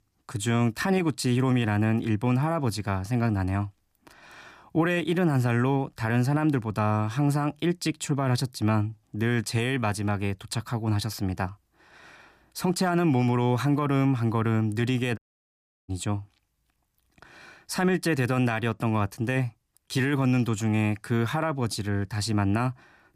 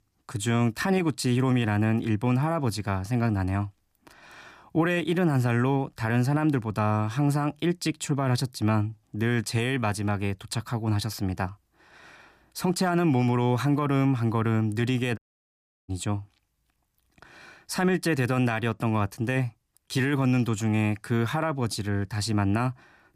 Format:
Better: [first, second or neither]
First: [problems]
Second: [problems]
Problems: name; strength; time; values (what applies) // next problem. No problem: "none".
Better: neither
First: audio cutting out; at 15 s for 0.5 s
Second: audio cutting out; at 15 s for 0.5 s